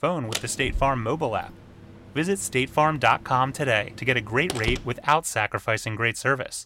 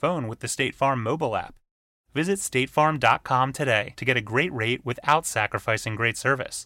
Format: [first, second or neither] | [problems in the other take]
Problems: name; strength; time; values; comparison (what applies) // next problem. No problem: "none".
second | door banging; noticeable; until 5 s; peak 7 dB below the speech